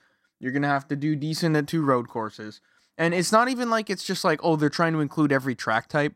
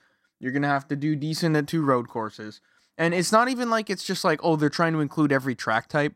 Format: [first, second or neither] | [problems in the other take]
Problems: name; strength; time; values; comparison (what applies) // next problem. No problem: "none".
neither | none